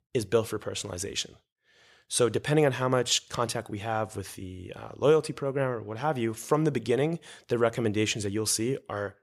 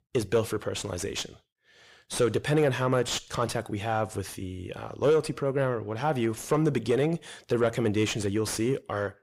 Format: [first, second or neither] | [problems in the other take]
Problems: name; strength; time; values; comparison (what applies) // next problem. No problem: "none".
first | distortion; slight; 10 dB below the speech